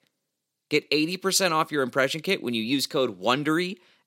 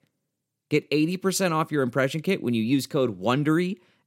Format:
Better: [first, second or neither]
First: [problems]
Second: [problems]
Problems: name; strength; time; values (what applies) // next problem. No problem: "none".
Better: second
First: thin; very slightly; fading below 500 Hz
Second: none